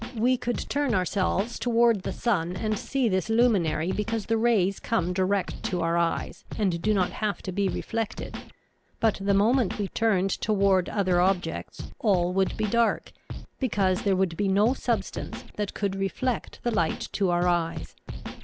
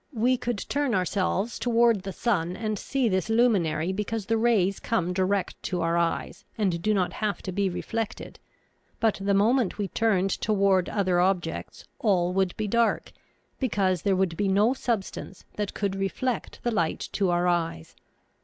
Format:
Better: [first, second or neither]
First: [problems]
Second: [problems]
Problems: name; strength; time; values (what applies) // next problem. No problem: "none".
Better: second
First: background sound (Scratching (performance technique)); 11 dB below the speech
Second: none